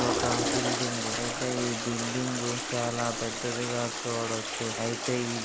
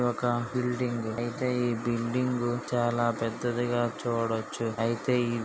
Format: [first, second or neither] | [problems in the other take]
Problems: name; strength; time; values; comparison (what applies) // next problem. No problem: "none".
second | background sound (Toilet flush); as loud as the speech